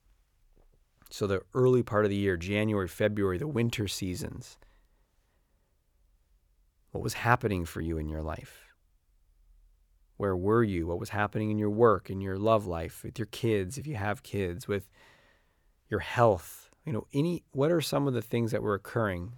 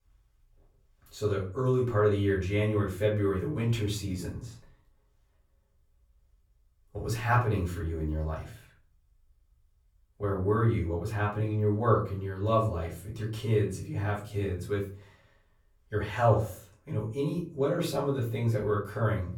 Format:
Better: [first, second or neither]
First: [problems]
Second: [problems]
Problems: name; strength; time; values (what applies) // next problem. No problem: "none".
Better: first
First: none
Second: off-mic speech; far // room echo; slight; dies away in 0.4 s